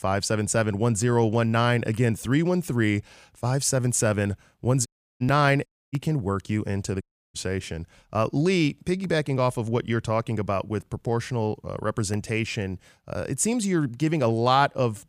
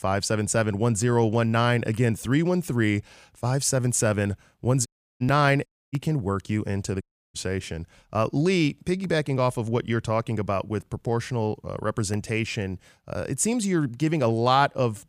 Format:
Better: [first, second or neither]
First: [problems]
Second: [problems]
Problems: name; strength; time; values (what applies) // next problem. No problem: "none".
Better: neither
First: audio cutting out; at 5 s, at 5.5 s and at 7 s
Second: audio cutting out; at 5 s, at 5.5 s and at 7 s